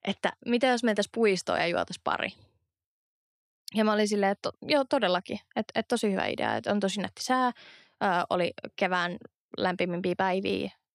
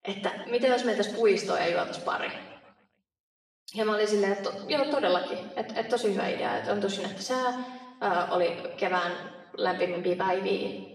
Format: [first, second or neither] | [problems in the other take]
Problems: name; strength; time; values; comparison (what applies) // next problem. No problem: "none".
first | room echo; noticeable; dies away in 0.9 s // off-mic speech; far